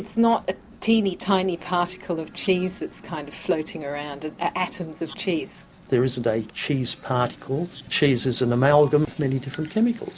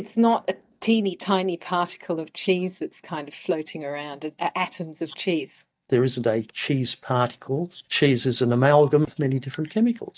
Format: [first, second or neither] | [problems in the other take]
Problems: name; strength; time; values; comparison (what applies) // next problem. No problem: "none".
first | noise reduction (neural mask model DeepFilterNet 3)